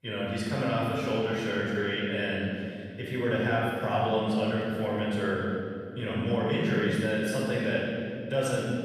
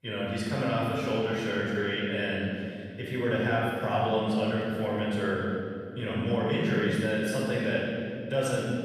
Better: neither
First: off-mic speech; far // room echo; strong; dies away in 2.1 s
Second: off-mic speech; far // room echo; strong; dies away in 2.1 s

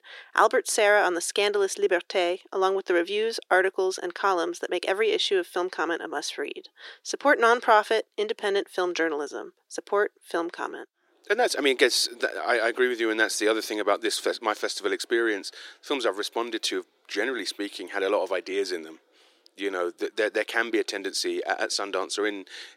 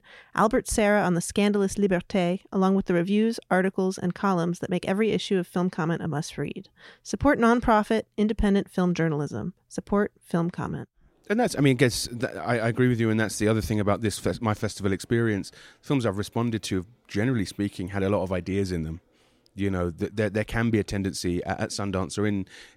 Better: second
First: thin; very; fading below 350 Hz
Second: none

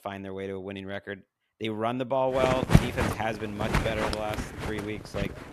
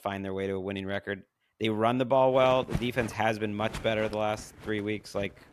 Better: second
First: wind noise on the microphone; heavy; from 2.5 s on; 1 dB below the speech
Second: wind noise on the microphone; occasional gusts; from 2.5 s on; 15 dB below the speech

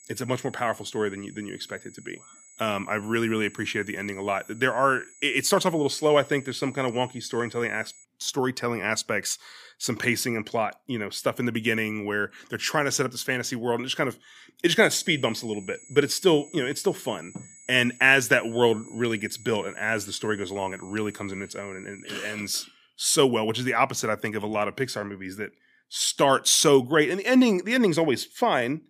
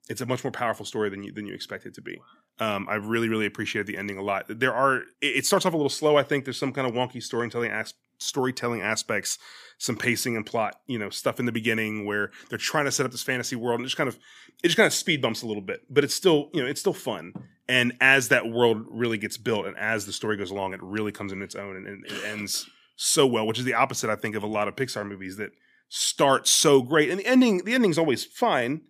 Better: second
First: high-pitched whine; faint; until 8 s and from 15 to 23 s; 8 kHz, 25 dB below the speech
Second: none

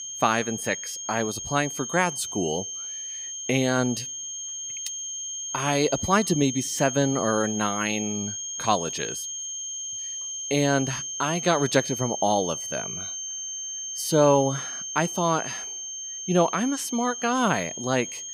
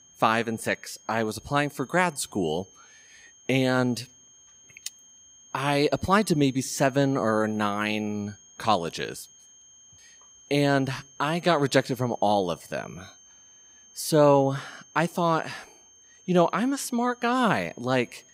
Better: second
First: high-pitched whine; loud; throughout; 6.5 kHz, 5 dB below the speech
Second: high-pitched whine; faint; throughout; 6.5 kHz, 25 dB below the speech

